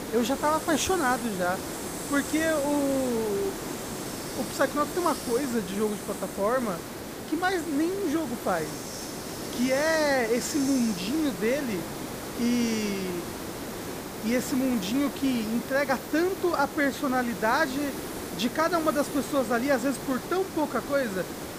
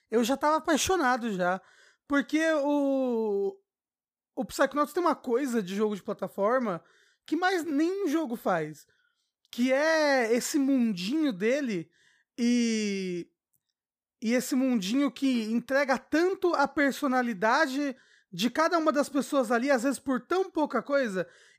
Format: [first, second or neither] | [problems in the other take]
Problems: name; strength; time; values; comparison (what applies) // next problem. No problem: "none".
second | hiss; loud; throughout; 8 dB below the speech